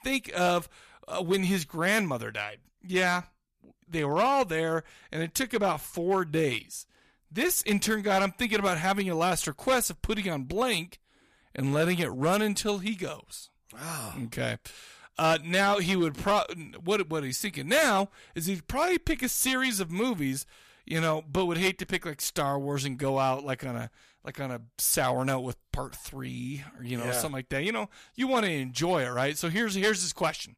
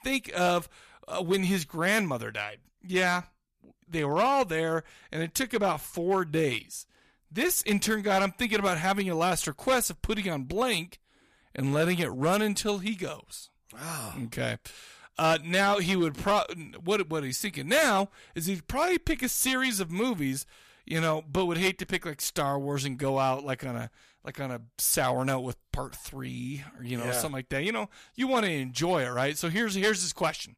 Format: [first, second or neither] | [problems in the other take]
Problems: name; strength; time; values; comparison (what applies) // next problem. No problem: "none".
neither | distortion; slight; 3% of the sound clipped; the same in both